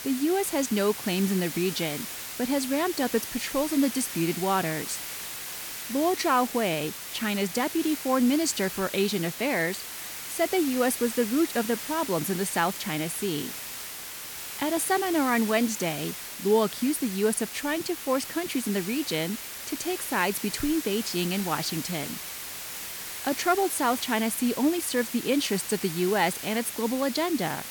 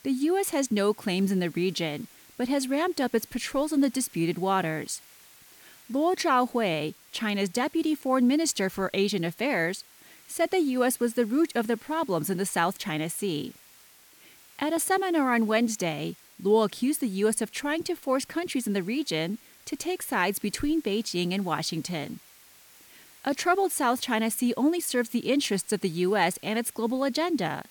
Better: second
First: hiss; loud; throughout; 7 dB below the speech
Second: hiss; faint; throughout; 25 dB below the speech

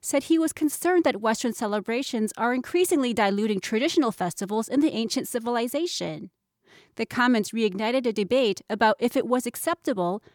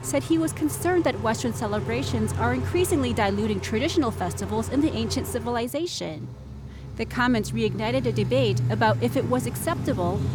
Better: first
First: none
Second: traffic noise; loud; throughout; 6 dB below the speech

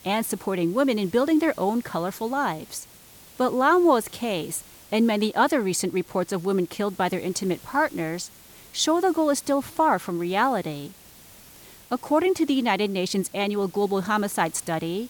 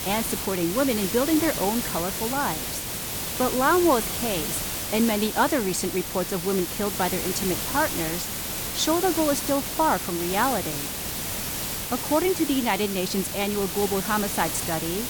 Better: first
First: hiss; faint; throughout; 20 dB below the speech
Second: hiss; loud; throughout; 3 dB below the speech

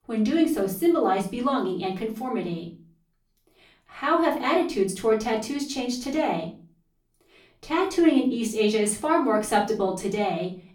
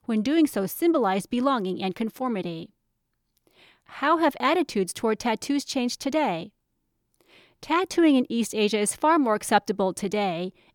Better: second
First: room echo; slight; dies away in 0.3 s // off-mic speech; far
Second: none

